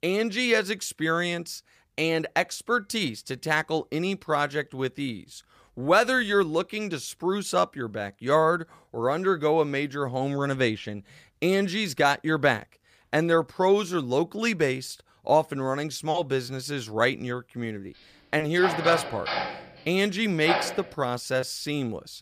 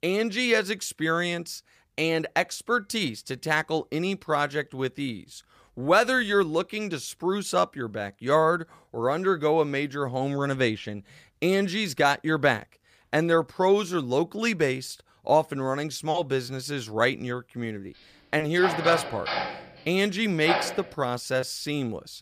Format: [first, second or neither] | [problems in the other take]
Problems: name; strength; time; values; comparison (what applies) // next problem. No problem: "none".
neither | door banging; noticeable; from 19 to 21 s; peak 1 dB below the speech; the same in both